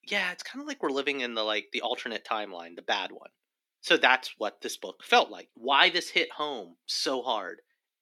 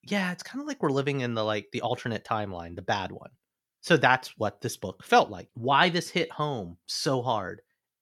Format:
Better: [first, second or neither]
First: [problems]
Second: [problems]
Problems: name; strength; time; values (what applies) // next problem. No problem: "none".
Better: second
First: thin; somewhat; fading below 250 Hz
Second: none